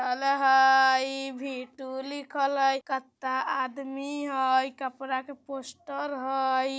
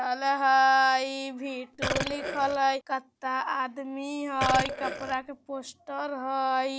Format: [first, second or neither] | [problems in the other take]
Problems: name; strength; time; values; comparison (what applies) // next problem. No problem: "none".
first | background sound (Burping, eructation); 5 dB below the speech